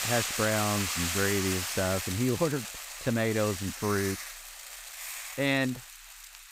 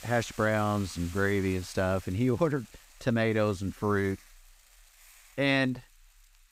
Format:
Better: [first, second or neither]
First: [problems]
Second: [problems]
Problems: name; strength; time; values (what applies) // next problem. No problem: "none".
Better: second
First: hiss; loud; throughout; 4 dB below the speech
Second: hiss; faint; throughout; 20 dB below the speech